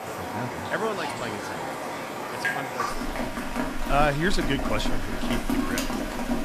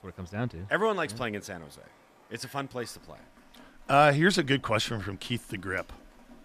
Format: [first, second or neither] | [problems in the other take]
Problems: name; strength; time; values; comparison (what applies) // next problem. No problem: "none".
second | rain or running water; loud; throughout; as loud as the speech; faint in the second